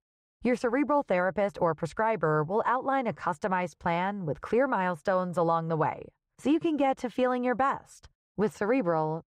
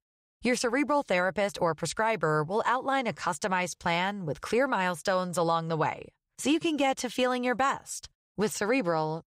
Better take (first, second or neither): second